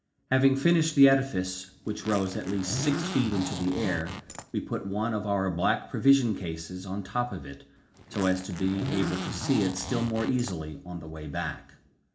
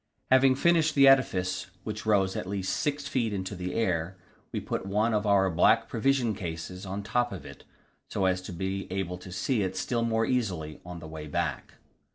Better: second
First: background sound (Zipper (clothing)); 9 dB below the speech // room echo; dies away in 0.4 s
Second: none

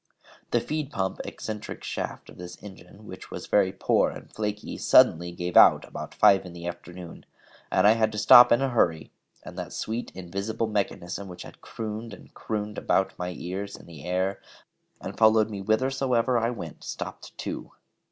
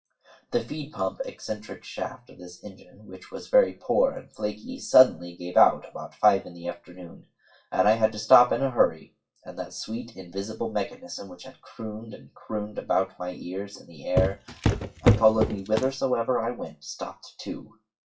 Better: first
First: none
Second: noise reduction (classical method WPE with log-MMSE)

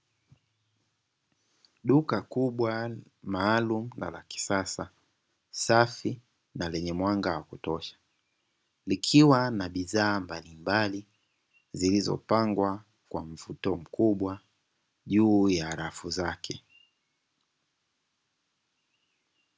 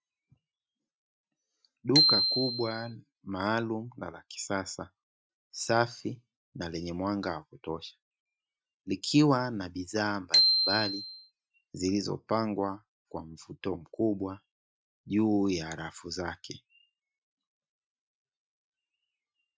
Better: first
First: none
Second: noise reduction (classical method Wiener filter)

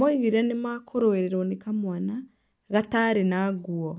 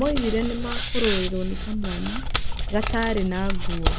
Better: first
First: none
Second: background sound (Hands); 2 dB above the speech

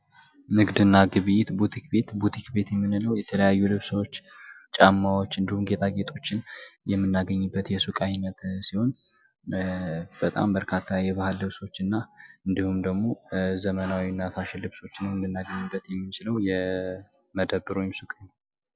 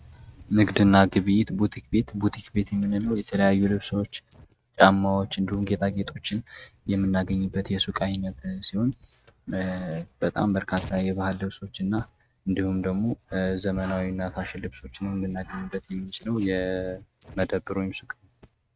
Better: first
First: none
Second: noise reduction (neural mask model RNNoise)

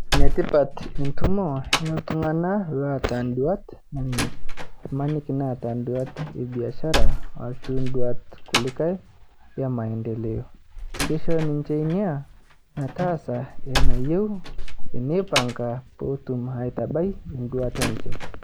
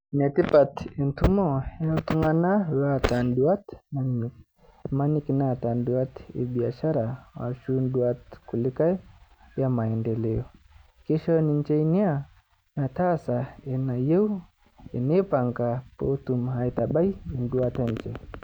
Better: second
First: background sound (Slam); 5 dB above the speech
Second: none

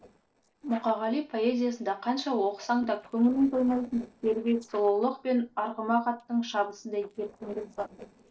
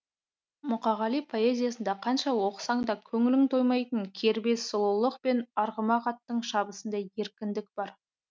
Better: second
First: noise reduction (neural separator model SepFormer DNS4)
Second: none

